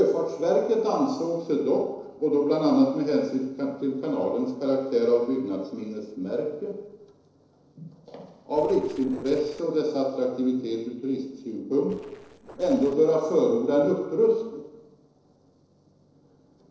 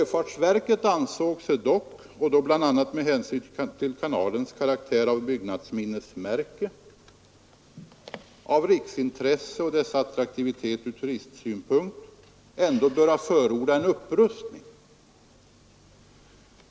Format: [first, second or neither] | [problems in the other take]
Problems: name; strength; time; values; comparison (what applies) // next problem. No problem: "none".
second | noise reduction (neural separator model SepFormer DNS4)